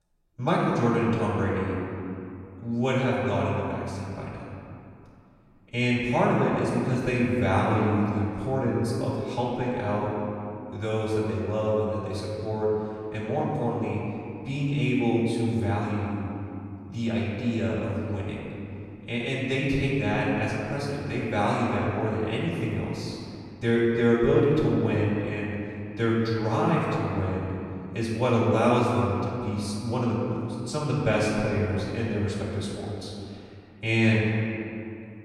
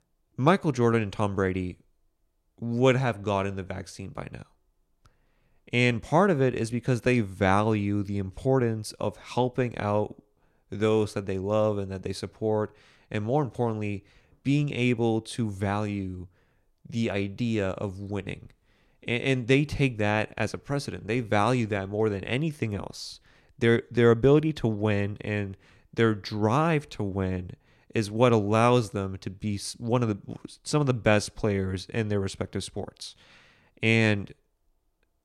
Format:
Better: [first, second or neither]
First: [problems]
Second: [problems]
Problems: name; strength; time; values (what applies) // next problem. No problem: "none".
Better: second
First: off-mic speech; far // room echo; strong; dies away in 2.5 s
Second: none